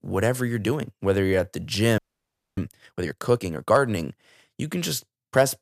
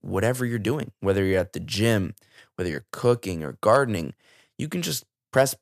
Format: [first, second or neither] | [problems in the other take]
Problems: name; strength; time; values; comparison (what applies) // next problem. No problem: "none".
second | audio freezing; at 2 s for 0.5 s